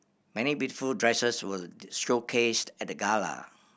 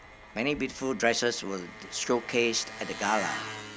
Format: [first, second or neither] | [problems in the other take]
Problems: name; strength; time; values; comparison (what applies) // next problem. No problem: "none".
first | background sound (Engine); 11 dB below the speech